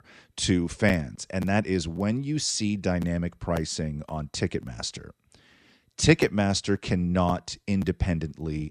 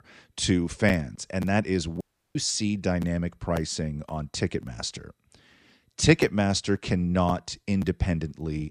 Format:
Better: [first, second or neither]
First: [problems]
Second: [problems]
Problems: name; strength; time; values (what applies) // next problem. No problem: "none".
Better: first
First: none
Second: audio cutting out; at 2 s